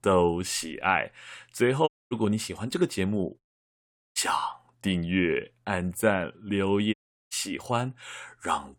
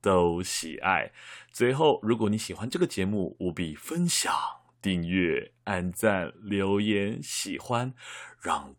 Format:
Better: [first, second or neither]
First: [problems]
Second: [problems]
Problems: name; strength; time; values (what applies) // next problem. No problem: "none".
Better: second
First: audio cutting out; at 2 s, at 3.5 s for 1 s and at 7 s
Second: none